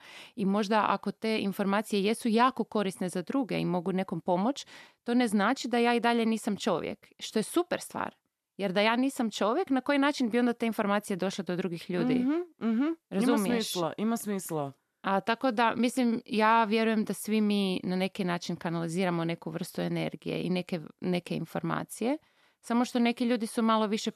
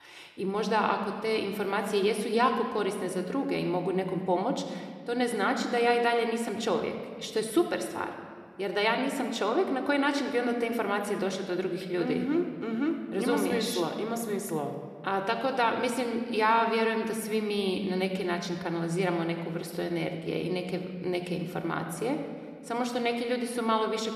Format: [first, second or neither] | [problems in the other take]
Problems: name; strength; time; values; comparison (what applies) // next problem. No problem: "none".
first | room echo; slight; dies away in 1.6 s